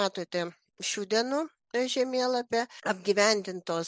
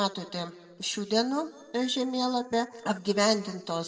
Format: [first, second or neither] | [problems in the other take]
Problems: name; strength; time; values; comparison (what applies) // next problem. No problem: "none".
first | noise reduction (neural separator model SepFormer DNS4)